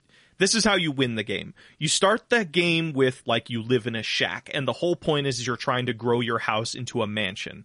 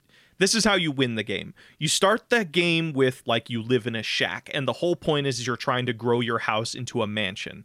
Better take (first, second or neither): second